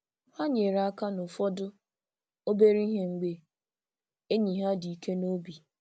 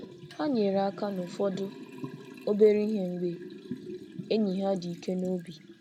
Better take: first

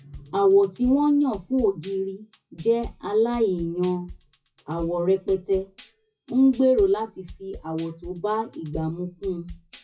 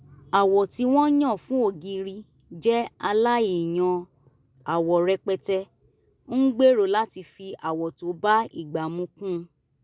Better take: second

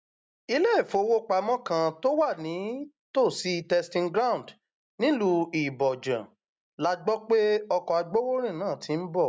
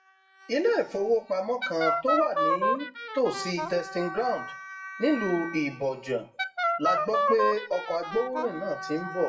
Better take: first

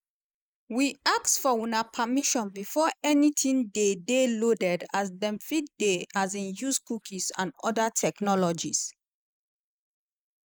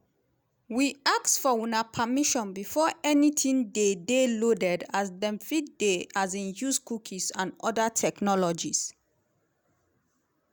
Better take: second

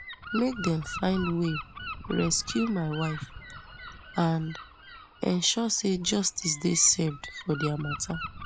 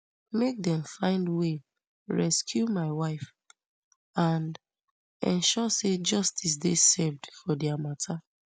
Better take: second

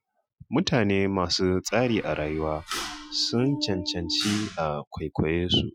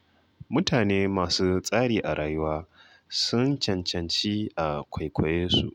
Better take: second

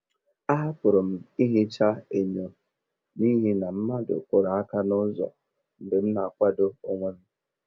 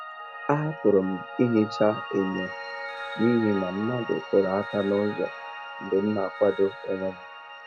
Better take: first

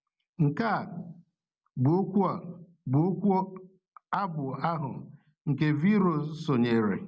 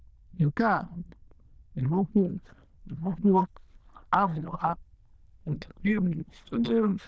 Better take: first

